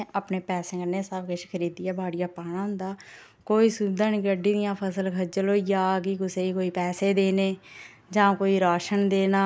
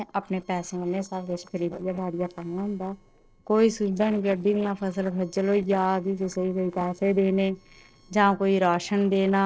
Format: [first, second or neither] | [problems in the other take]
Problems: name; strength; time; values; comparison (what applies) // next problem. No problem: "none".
first | noise reduction (neural separator model SepFormer DNS4)